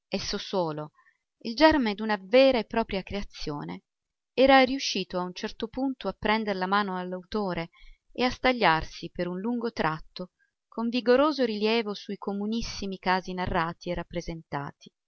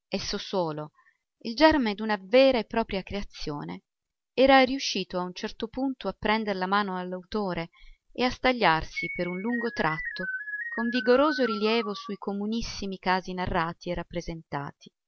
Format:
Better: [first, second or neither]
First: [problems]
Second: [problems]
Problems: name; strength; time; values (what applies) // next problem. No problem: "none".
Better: first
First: none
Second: background sound (Keyboard (musical)); 8 dB below the speech